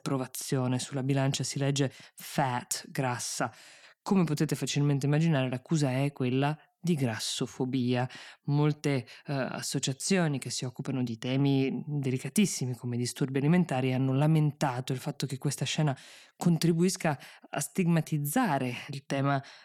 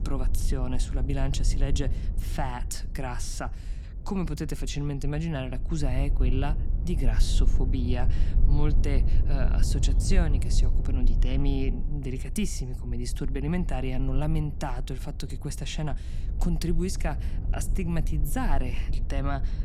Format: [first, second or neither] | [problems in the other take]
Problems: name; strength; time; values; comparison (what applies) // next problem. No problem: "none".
first | low rumble; noticeable; throughout; 10 dB below the speech